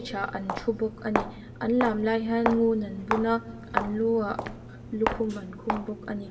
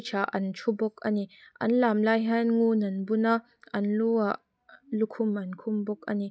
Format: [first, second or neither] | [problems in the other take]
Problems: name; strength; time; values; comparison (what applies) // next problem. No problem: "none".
second | background sound (Walk, footsteps); 6 dB below the speech // room echo; dies away in 1.3 s